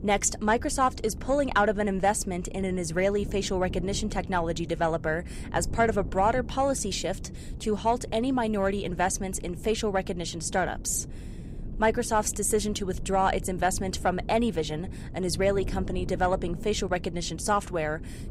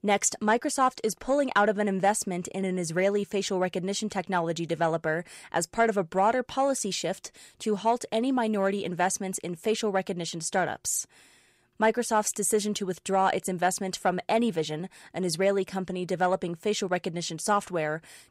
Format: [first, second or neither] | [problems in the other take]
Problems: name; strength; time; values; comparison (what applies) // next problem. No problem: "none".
second | wind noise on the microphone; occasional gusts; 20 dB below the speech